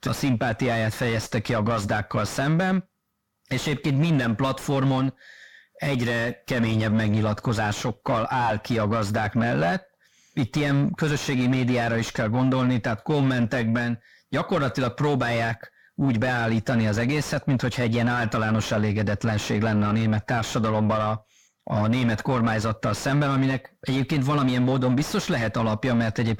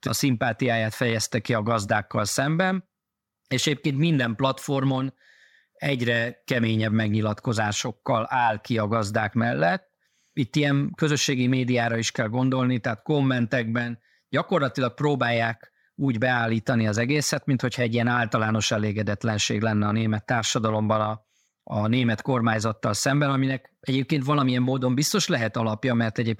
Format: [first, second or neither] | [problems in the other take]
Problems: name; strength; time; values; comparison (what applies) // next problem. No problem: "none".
second | distortion; heavy; 8 dB below the speech